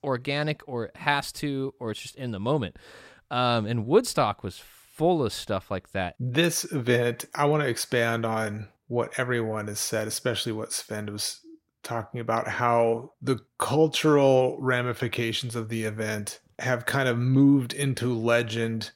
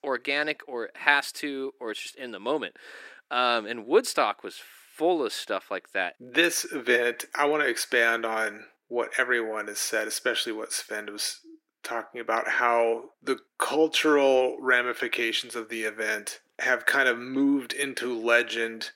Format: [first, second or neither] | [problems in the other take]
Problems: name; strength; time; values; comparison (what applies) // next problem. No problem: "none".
first | thin; somewhat; fading below 300 Hz